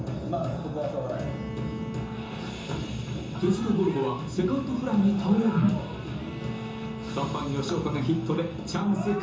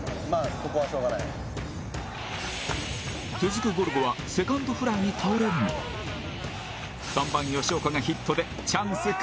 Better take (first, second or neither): second